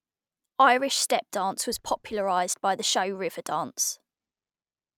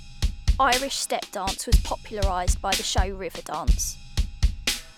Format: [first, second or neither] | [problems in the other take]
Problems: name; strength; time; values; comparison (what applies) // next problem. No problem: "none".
first | background sound (Drum / Drum kit); 4 dB above the speech